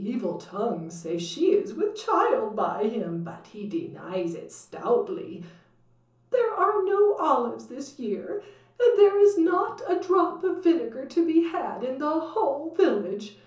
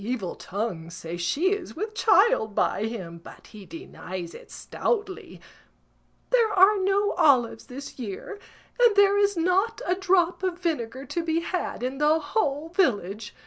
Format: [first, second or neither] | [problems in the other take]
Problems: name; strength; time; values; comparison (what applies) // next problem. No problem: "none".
second | room echo; dies away in 0.8 s